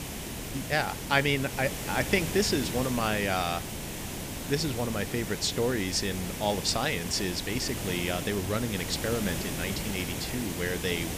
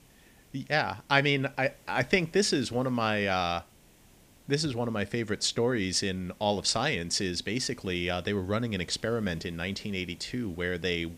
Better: second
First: hiss; loud; throughout; 5 dB below the speech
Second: hiss; faint; throughout; 30 dB below the speech

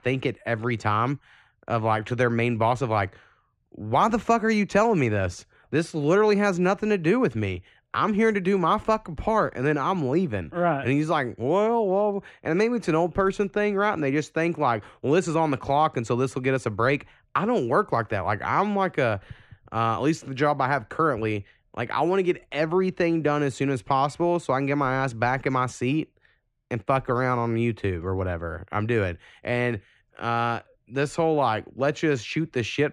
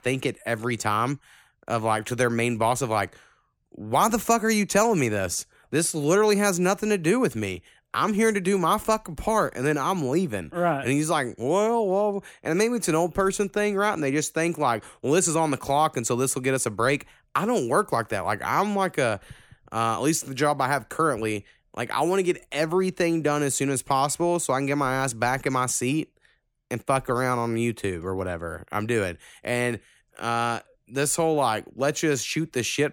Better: second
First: muffled; slightly; fading above 3 kHz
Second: none

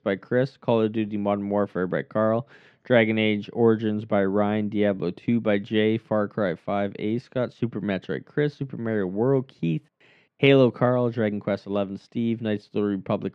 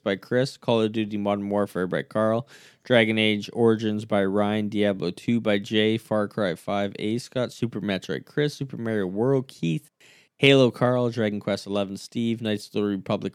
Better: second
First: muffled; slightly; fading above 2.5 kHz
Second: none

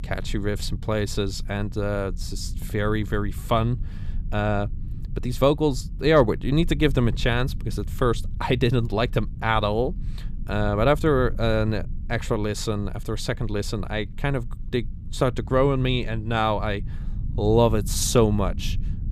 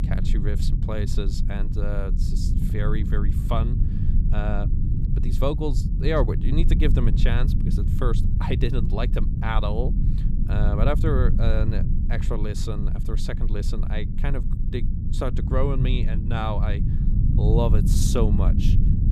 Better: first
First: low rumble; faint; throughout; 25 dB below the speech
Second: low rumble; loud; throughout; 7 dB below the speech

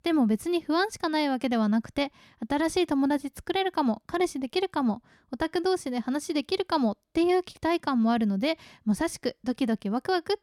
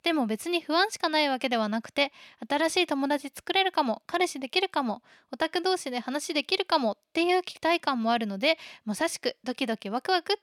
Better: first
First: none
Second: thin; somewhat; fading below 1 kHz

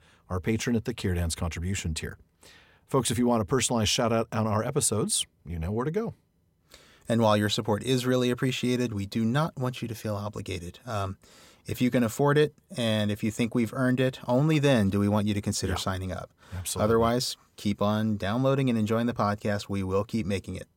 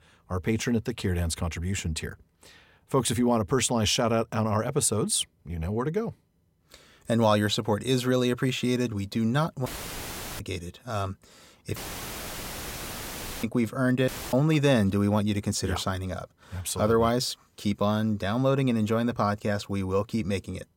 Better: first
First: none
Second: audio cutting out; filled with static; at 9.5 s for 0.5 s, at 12 s for 1.5 s and at 14 s

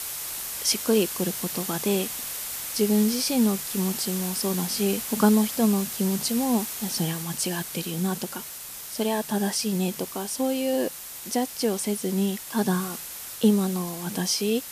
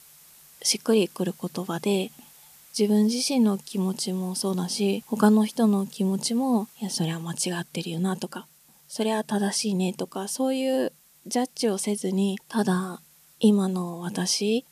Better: second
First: hiss; loud; throughout; 6 dB below the speech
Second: hiss; faint; throughout; 25 dB below the speech

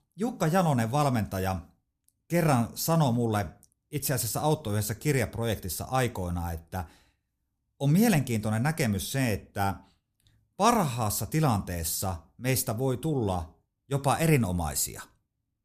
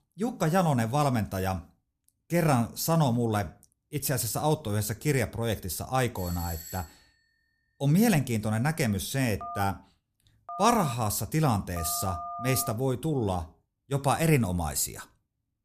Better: first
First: none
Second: doorbell; faint; at 6 s; peak 10 dB below the speech // phone ringing; noticeable; from 9.5 to 13 s; peak 9 dB below the speech

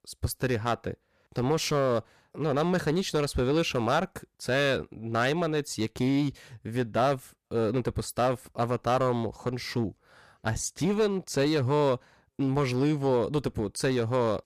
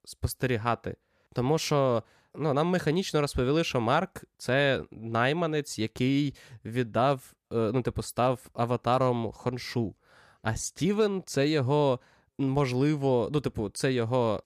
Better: second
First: distortion; slight; 5% of the sound clipped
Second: none

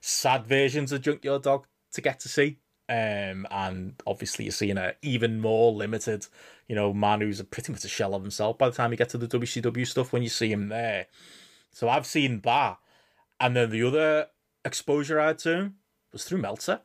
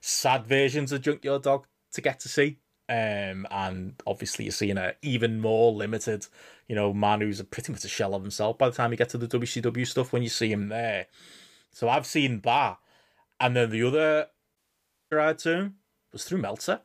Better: first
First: none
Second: audio cutting out; at 15 s for 0.5 s

